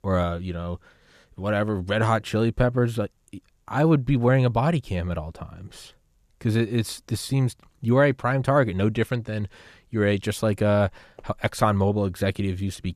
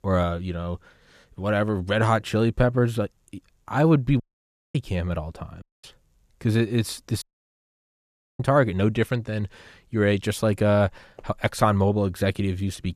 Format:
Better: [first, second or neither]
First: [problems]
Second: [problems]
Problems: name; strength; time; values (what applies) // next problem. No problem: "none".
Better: first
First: none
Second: audio cutting out; at 4 s for 0.5 s, at 5.5 s and at 7 s for 1 s